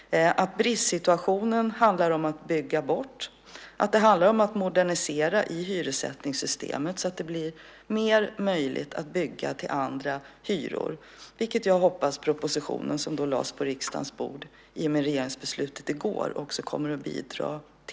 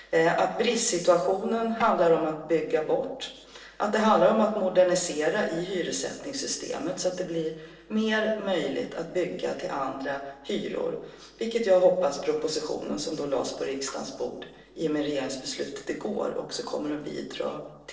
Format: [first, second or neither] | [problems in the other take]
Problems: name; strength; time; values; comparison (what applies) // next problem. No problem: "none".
first | noise reduction (neural separator model SepFormer DNS4)